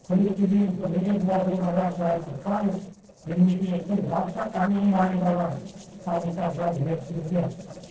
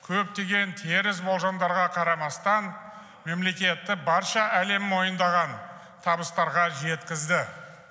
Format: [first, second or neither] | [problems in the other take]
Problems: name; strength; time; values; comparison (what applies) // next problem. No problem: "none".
second | noise reduction (neural separator model SepFormer DNS4)